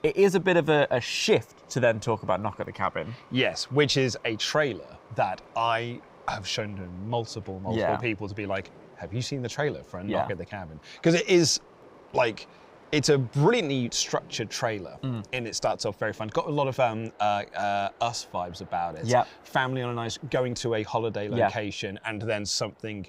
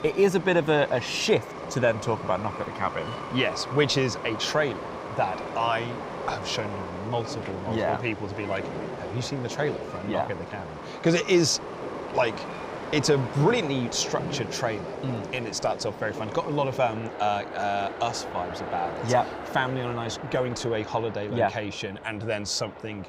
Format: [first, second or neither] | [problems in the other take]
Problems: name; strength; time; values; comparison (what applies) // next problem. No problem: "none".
first | train or aircraft noise; loud; throughout; 9 dB below the speech; faint in the first